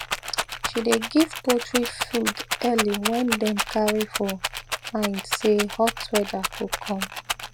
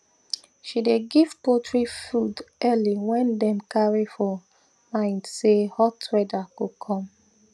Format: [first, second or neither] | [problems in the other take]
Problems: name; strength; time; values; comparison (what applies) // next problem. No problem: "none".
second | background sound (Rattle); 4 dB below the speech